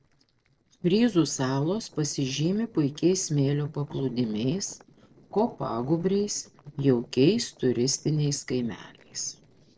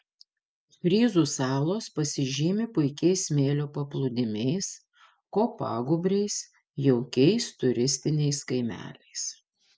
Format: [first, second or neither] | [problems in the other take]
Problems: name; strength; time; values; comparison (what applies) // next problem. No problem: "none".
second | noise reduction (neural separator model SepFormer DNS4)